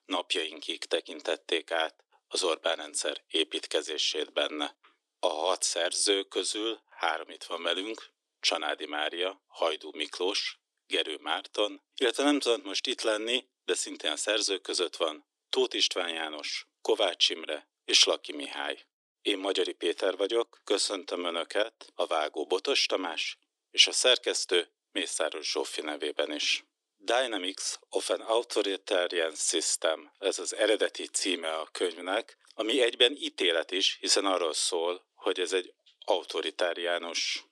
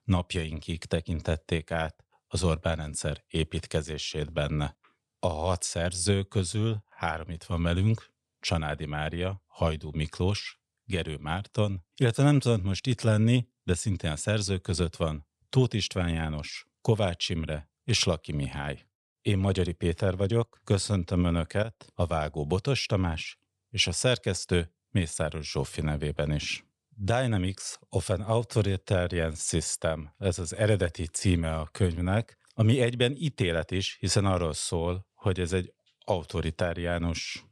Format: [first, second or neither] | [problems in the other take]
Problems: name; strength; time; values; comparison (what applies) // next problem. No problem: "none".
second | thin; very; fading below 300 Hz